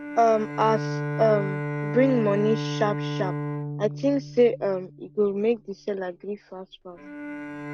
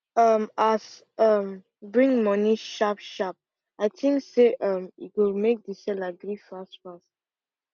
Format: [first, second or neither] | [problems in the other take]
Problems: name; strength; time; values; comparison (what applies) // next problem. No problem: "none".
second | background sound (Bowed string instrument); 7 dB below the speech